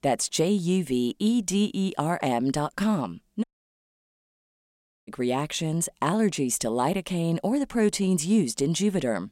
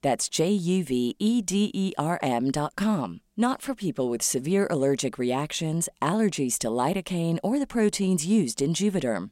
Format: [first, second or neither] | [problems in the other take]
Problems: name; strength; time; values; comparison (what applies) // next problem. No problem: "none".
second | audio cutting out; at 3.5 s for 1.5 s